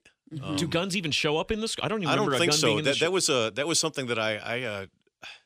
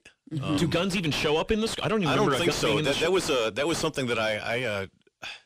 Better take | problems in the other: first | distortion; heavy; 5 dB below the speech

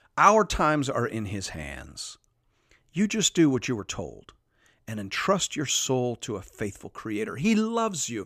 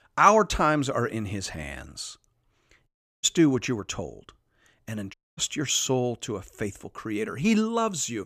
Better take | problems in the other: first | audio cutting out; at 3 s and at 5 s

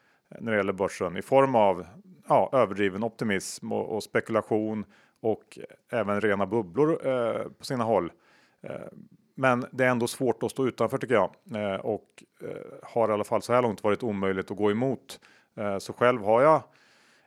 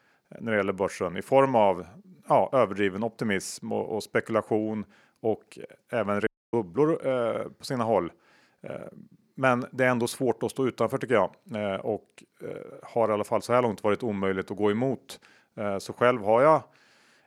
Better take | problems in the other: first | audio cutting out; at 6.5 s

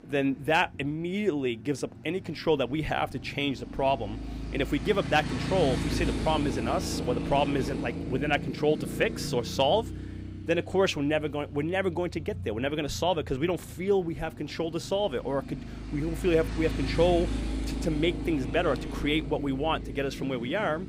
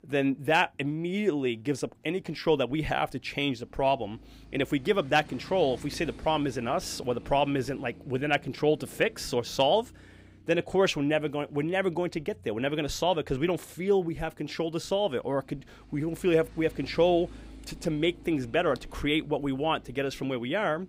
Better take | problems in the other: second | traffic noise; loud; throughout; 7 dB below the speech; faint in the second

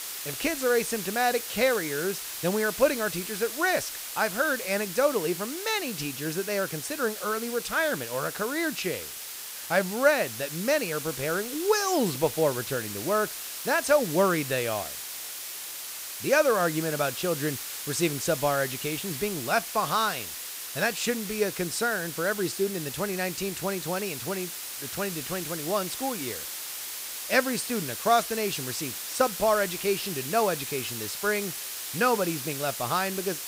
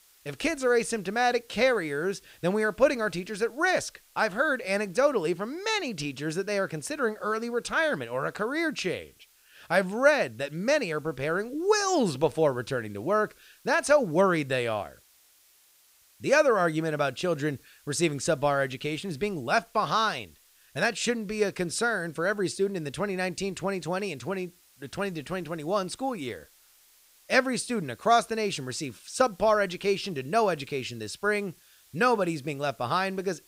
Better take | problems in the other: second | hiss; loud; throughout; 6 dB below the speech; faint in the second

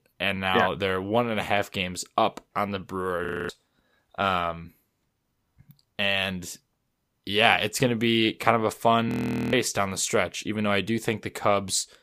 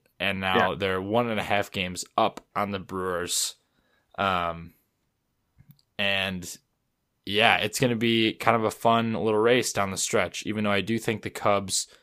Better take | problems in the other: second | audio freezing; at 3.5 s and at 9 s

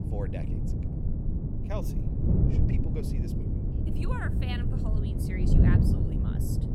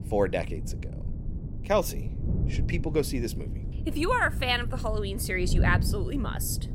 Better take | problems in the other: second | wind noise on the microphone; heavy; 3 dB above the speech; occasional gusts in the second

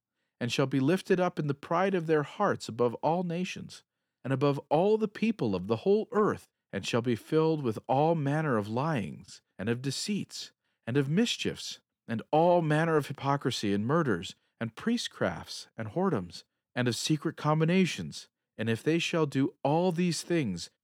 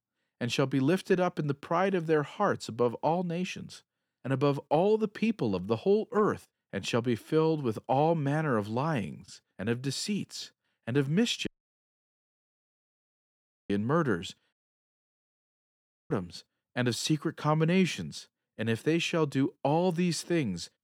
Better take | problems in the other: first | audio cutting out; at 11 s for 2 s and at 15 s for 1.5 s

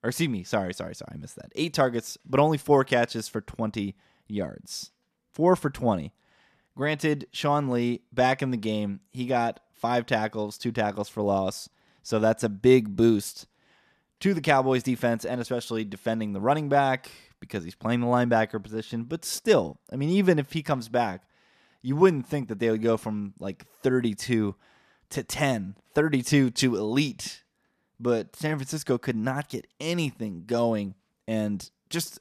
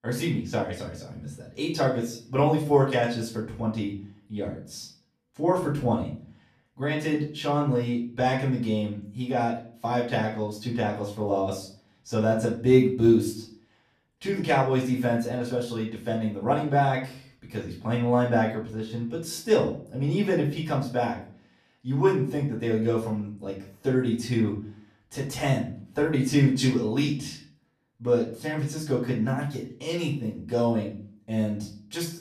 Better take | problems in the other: first | off-mic speech; far // room echo; slight; dies away in 0.4 s

